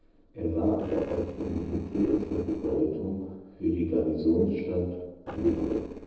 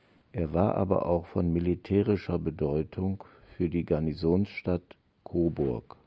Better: second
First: noise reduction (neural separator model SepFormer DNS4)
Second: none

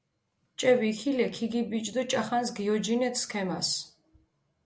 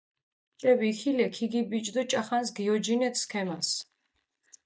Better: first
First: none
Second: noise reduction (neural mask model DeepFilterNet 3)

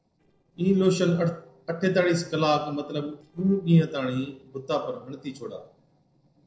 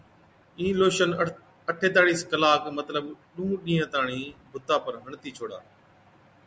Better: second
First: noise reduction (neural separator model SepFormer DNS4)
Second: none

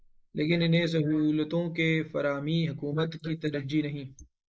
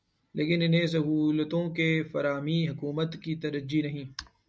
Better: second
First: noise reduction (neural mask model Resemble Enhance denoiser)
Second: none

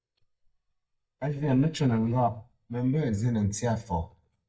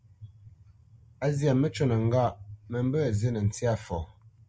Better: second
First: noise reduction (neural mask model DeepFilterNet 3)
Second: none

